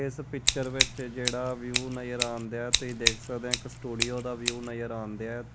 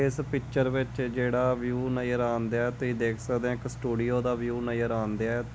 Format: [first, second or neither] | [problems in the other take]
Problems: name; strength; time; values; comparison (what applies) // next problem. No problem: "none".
second | background sound (Scissors); 3 dB above the speech